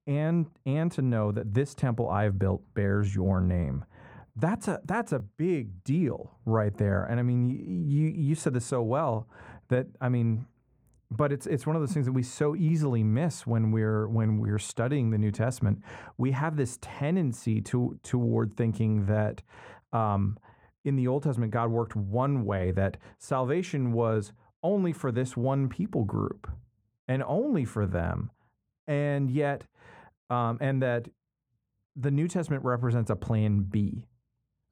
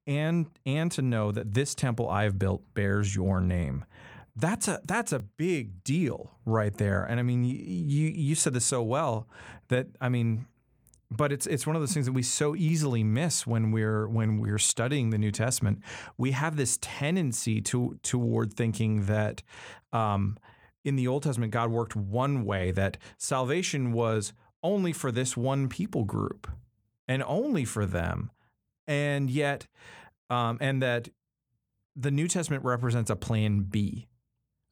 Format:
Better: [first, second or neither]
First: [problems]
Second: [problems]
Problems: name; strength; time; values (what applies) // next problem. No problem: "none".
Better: second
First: muffled; slightly; fading above 2 kHz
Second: none